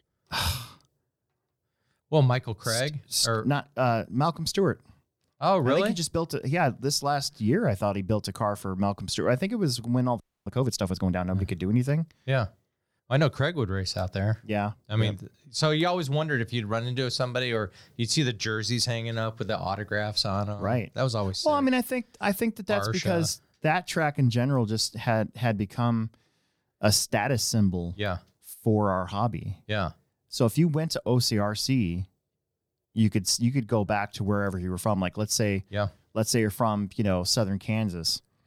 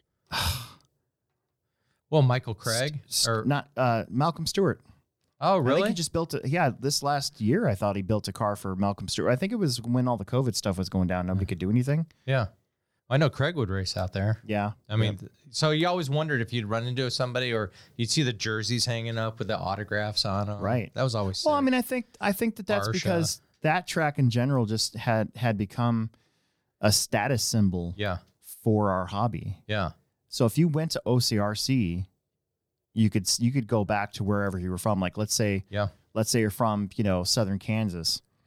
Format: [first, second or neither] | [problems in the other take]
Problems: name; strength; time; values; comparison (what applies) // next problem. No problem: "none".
second | audio freezing; at 10 s